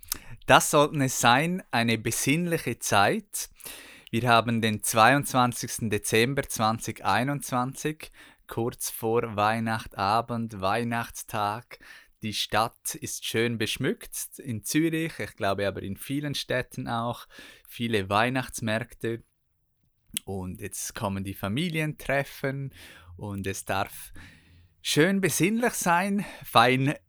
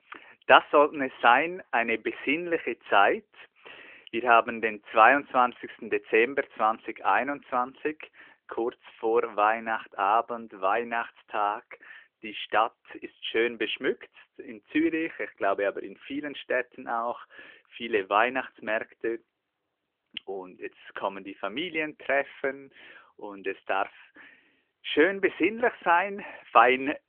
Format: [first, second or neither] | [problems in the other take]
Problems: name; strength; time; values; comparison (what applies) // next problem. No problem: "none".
first | phone-call audio; nothing above 3 kHz